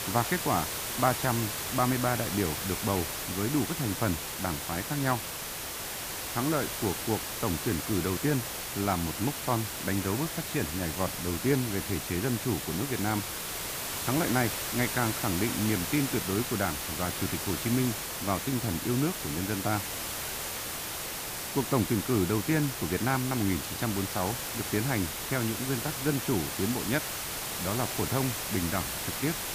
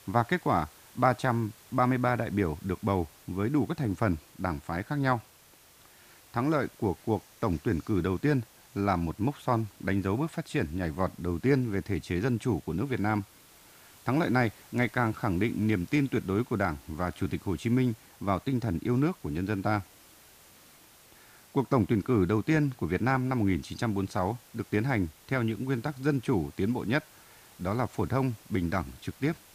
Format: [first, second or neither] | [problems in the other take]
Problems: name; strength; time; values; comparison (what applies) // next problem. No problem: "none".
second | hiss; loud; throughout; 2 dB below the speech; faint in the second